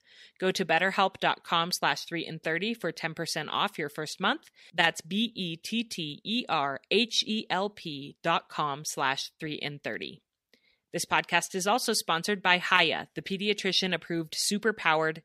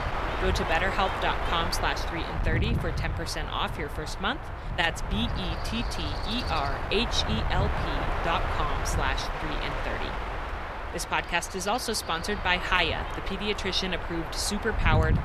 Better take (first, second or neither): first